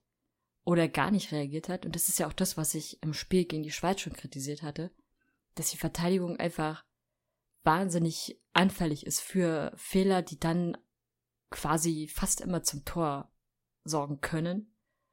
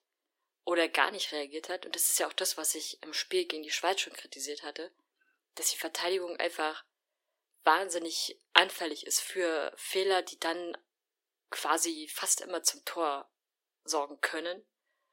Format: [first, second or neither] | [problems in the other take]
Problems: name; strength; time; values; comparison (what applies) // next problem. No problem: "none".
first | thin; very; fading below 350 Hz